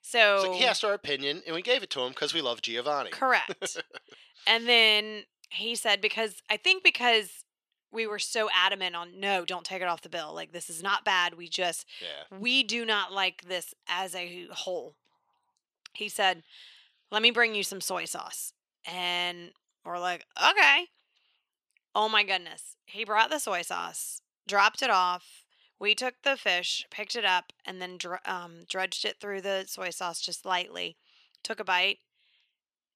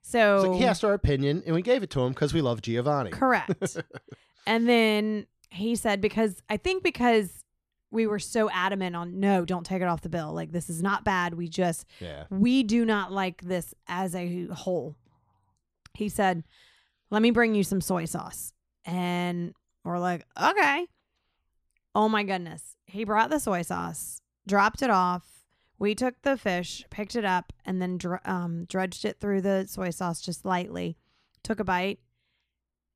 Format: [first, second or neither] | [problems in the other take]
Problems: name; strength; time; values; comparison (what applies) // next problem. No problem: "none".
second | thin; very; fading below 500 Hz